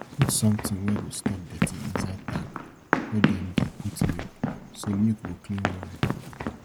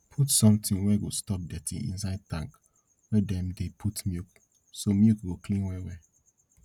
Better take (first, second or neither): second